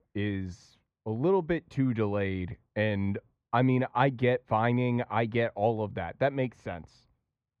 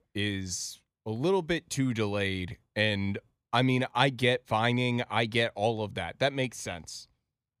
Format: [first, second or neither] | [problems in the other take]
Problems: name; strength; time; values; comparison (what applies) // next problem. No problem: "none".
second | muffled; very; fading above 4 kHz